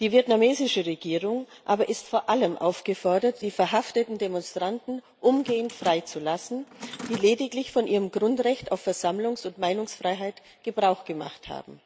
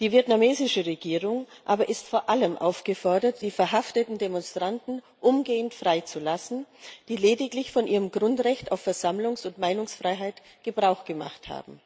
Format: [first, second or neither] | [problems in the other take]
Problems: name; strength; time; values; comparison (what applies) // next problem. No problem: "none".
second | background sound (Mechanisms); 18 dB below the speech